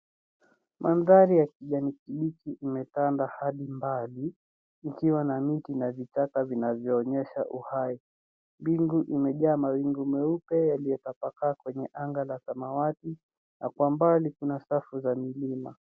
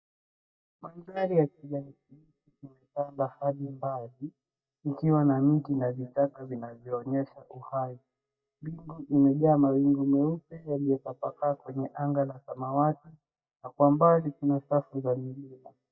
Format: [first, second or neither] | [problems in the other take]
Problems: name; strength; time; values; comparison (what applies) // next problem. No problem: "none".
first | noise reduction (neural mask model DeepFilterNet 3)